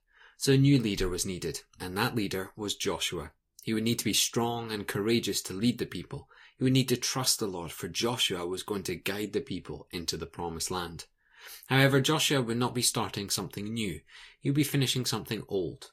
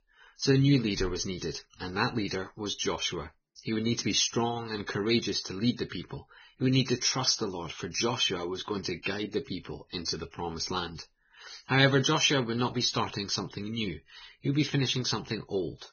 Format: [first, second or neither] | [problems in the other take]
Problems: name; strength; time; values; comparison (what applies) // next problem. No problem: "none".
first | garbled, watery; badly; nothing above 6.5 kHz; slightly in the first